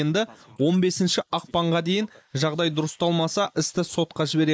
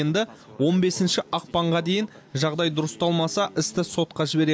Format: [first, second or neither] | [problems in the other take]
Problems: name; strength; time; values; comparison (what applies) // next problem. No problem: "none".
second | noise reduction (neural mask model Resemble Enhance denoiser)